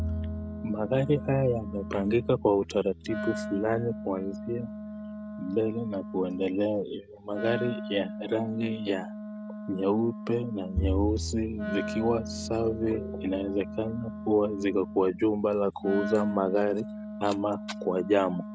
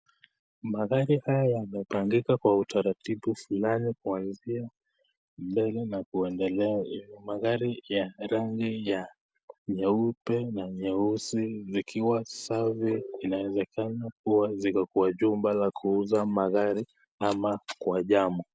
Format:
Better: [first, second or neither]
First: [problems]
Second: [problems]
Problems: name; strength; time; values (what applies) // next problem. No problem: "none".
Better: second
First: background sound (Bowed string instrument + Wind instrument, woodwind instrument); 7 dB below the speech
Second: none